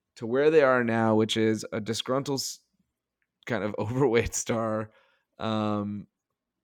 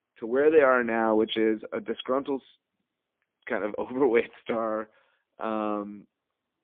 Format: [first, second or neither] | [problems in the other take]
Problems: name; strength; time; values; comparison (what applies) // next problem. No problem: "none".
first | phone-call audio; poor line; nothing above 3.5 kHz